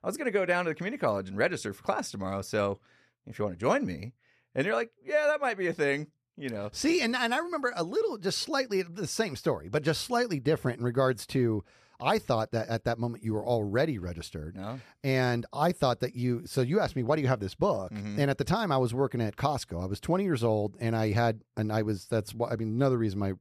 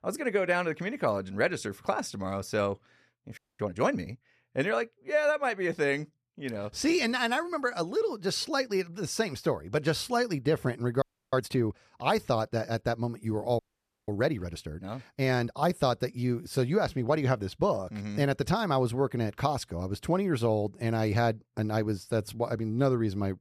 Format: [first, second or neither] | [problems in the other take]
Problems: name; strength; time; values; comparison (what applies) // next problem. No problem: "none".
first | audio freezing; at 3.5 s, at 11 s and at 14 s